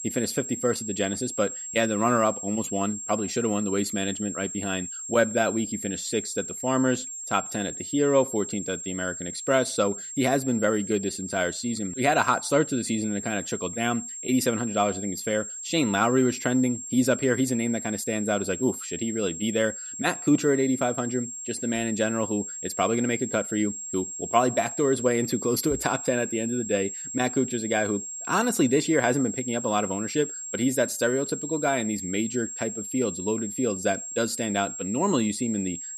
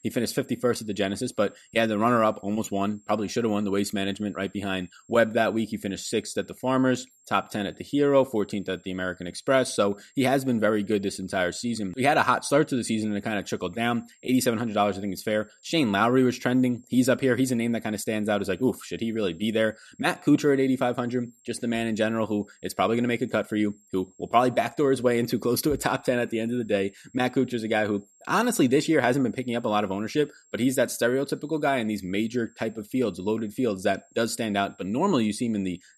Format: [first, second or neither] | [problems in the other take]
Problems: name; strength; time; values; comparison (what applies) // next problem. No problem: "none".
second | high-pitched whine; loud; throughout; 7.5 kHz, 7 dB below the speech; faint in the second